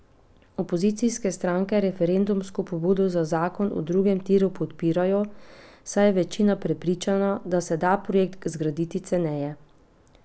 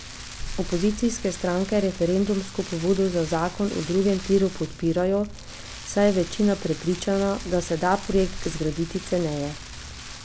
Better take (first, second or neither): first